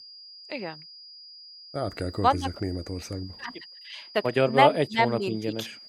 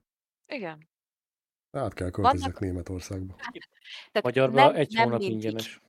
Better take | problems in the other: second | high-pitched whine; noticeable; throughout; 5 kHz, 20 dB below the speech

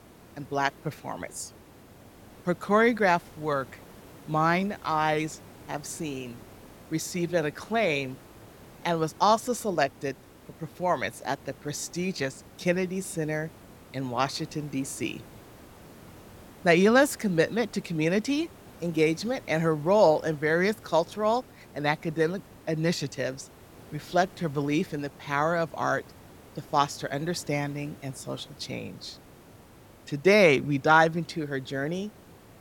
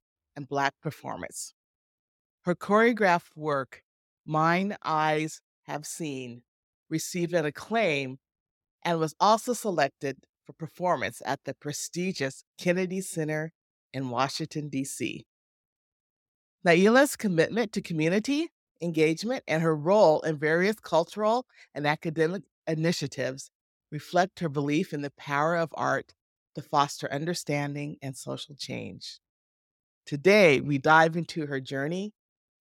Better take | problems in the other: second | hiss; faint; throughout; 25 dB below the speech

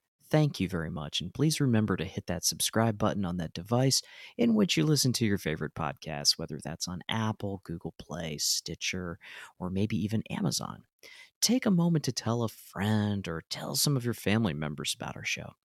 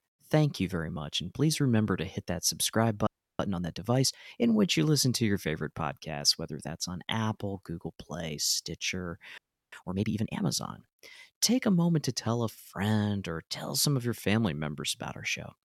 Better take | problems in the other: first | audio freezing; at 3 s and at 9.5 s

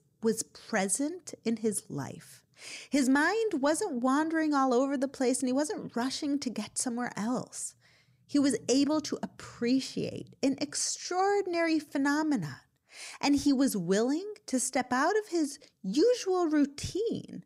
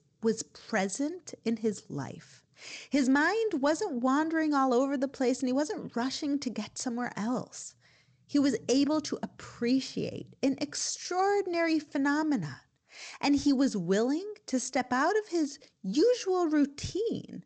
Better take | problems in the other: first | garbled, watery; slightly; nothing above 8 kHz

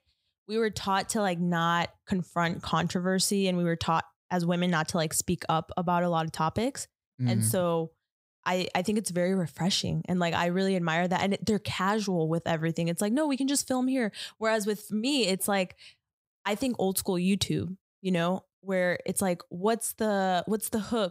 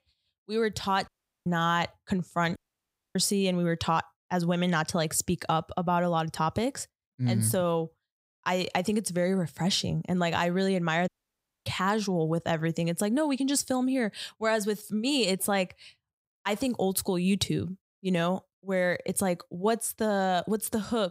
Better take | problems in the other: first | audio cutting out; at 1 s, at 2.5 s for 0.5 s and at 11 s for 0.5 s

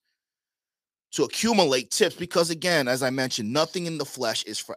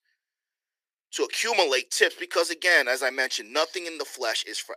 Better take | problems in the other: first | thin; very; fading below 350 Hz

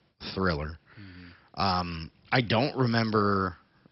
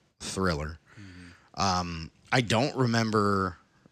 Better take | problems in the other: second | garbled, watery; badly; nothing above 5.5 kHz

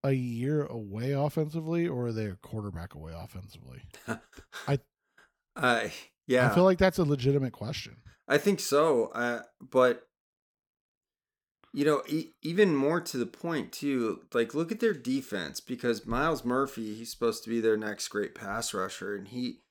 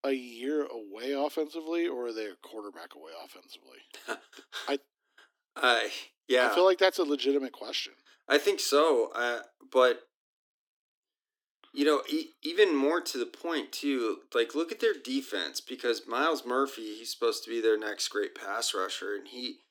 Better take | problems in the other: first | thin; very slightly; fading below 250 Hz

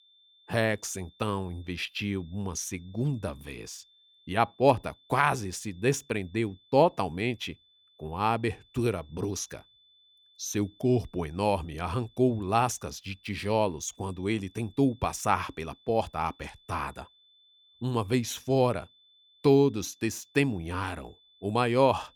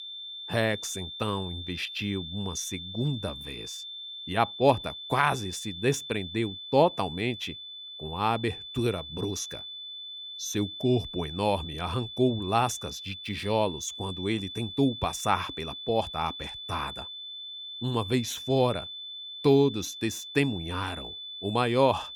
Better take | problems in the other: first | high-pitched whine; loud; throughout; 3.5 kHz, 9 dB below the speech; faint in the first

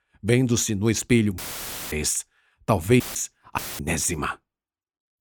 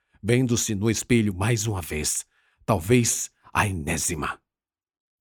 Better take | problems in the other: second | audio cutting out; filled with static; at 1.5 s for 0.5 s, at 3 s and at 3.5 s

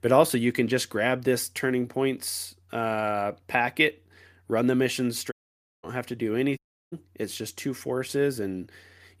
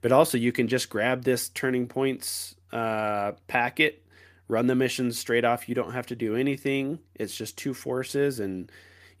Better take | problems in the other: second | audio cutting out; at 5.5 s for 0.5 s and at 6.5 s

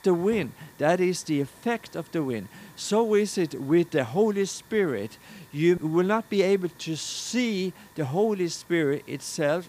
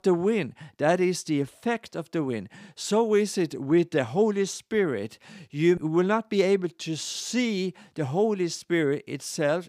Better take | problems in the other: second | hiss; faint; throughout; 25 dB below the speech

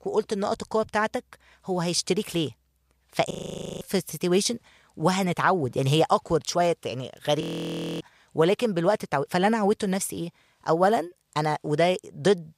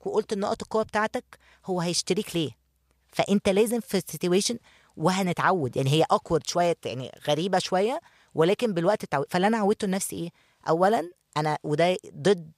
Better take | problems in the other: second | audio freezing; at 3.5 s for 0.5 s and at 7.5 s for 0.5 s

